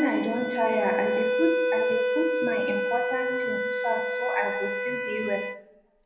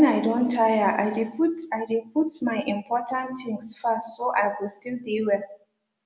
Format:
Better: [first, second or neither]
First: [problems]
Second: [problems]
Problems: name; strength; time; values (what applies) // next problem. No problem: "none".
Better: second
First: background sound (Wind instrument, woodwind instrument); 2 dB above the speech // room echo; dies away in 0.9 s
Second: none